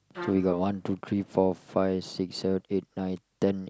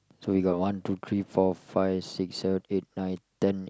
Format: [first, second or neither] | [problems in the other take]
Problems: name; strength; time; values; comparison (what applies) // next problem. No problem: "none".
second | background sound (Trumpet); 13 dB below the speech